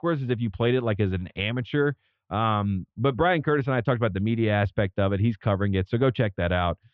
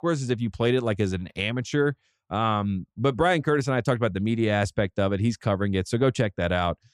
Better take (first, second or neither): second